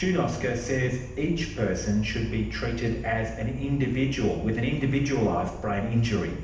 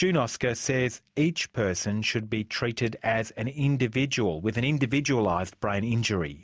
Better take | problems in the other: second | background sound (Insect); 11 dB below the speech // room echo; dies away in 0.8 s

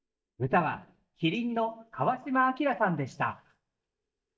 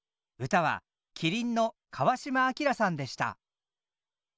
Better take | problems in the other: second | noise reduction (neural mask model DeepFilterNet 3)

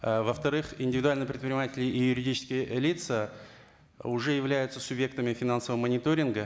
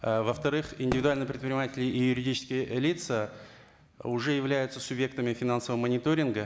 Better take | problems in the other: first | background sound (Fireworks); 14 dB below the speech

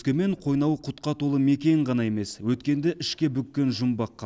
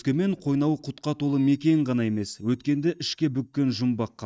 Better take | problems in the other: first | noise reduction (neural mask model DeepFilterNet 3)

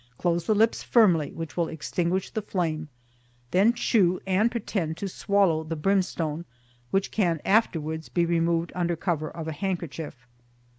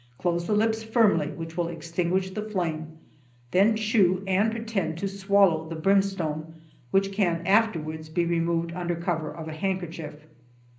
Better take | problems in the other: first | room echo; dies away in 0.5 s

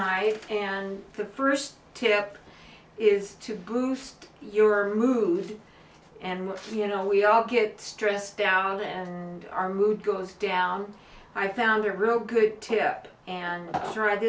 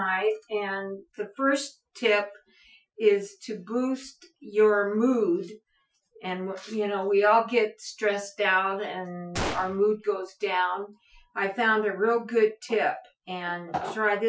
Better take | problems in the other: first | noise reduction (classical method Wiener filter)

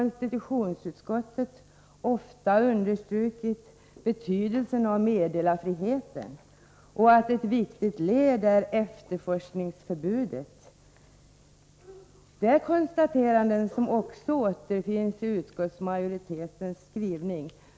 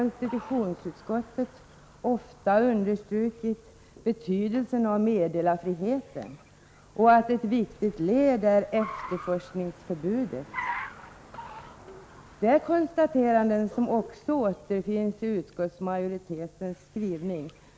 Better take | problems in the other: first | background sound (Car); 18 dB below the speech

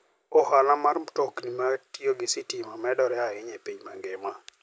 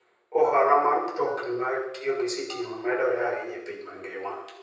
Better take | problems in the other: first | background sound (Telephone); 19 dB below the speech // room echo; dies away in 0.9 s

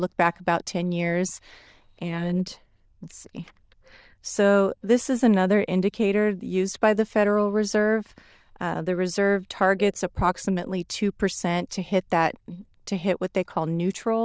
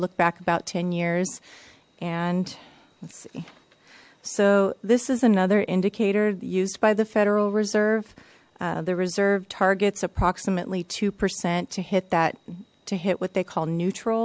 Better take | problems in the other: second | noise reduction (neural diffusion model UNIVERSE++)

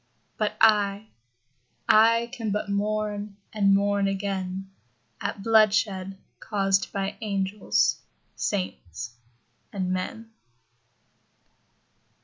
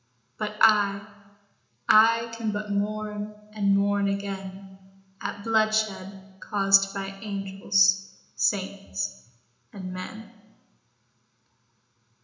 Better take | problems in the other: first | room echo; dies away in 0.8 s

